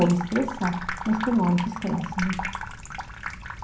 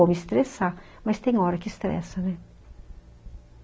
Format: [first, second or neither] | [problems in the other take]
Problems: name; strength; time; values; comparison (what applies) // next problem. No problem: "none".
second | background sound (Sink (filling or washing) / Water tap, faucet); 7 dB below the speech // room echo; dies away in 0.6 s